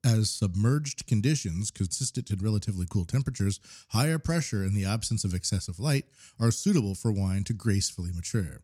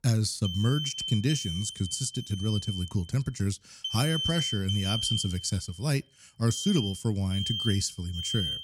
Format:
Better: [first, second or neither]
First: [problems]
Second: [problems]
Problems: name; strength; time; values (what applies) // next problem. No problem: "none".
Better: first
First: none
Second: alarms or sirens; loud; throughout; 4 dB below the speech